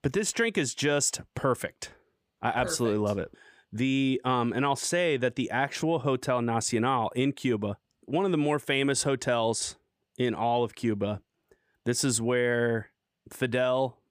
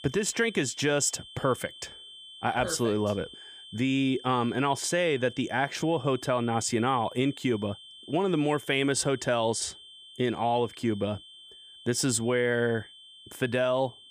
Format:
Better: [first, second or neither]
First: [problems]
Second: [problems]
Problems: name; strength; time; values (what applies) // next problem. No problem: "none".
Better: first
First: none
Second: high-pitched whine; noticeable; throughout; 3 kHz, 20 dB below the speech